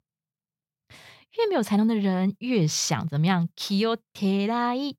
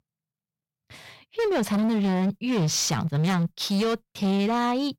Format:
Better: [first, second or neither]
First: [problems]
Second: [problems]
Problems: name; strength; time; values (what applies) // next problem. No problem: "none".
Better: first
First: none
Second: distortion; slight; 21% of the sound clipped